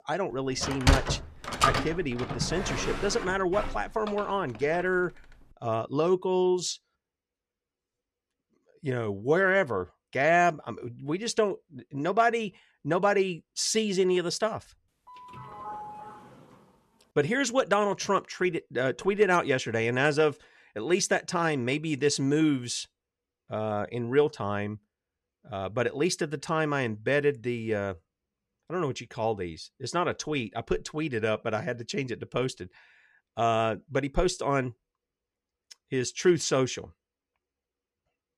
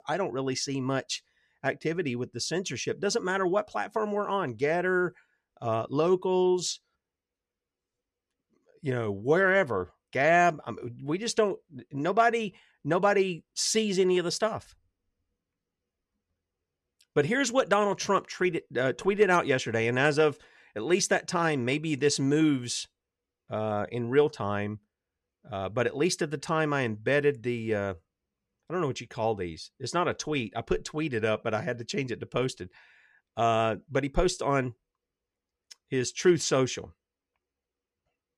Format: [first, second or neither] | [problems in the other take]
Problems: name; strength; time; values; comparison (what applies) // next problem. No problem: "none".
second | door banging; loud; from 0.5 to 4 s; peak 3 dB above the speech // doorbell; faint; from 15 to 17 s; peak 10 dB below the speech